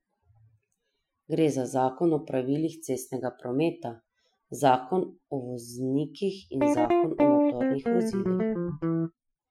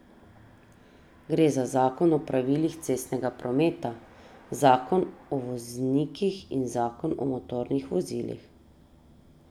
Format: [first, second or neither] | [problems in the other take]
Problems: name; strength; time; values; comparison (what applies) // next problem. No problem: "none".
second | noise reduction (classical method Wiener filter)